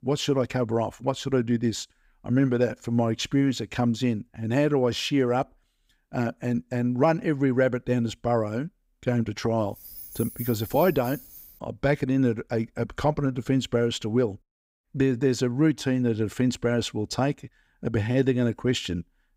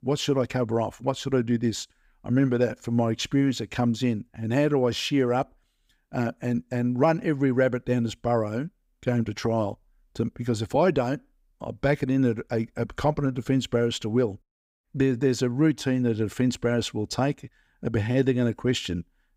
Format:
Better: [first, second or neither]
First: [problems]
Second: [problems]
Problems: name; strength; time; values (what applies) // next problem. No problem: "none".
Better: second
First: jangling keys; faint; from 9.5 to 12 s; peak 10 dB below the speech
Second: none